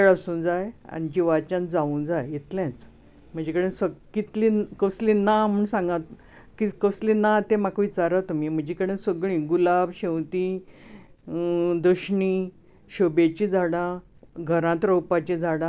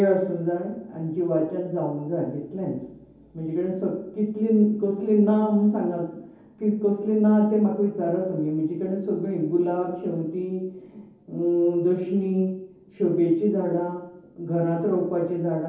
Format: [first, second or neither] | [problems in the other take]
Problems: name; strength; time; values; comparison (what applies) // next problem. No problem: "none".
first | room echo; dies away in 0.9 s